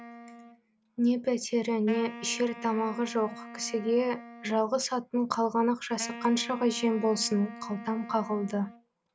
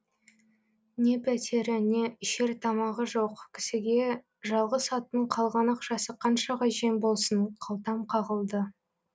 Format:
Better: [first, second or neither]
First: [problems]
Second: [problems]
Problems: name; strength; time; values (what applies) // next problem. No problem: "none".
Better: second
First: background sound (Wind instrument, woodwind instrument); 15 dB below the speech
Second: none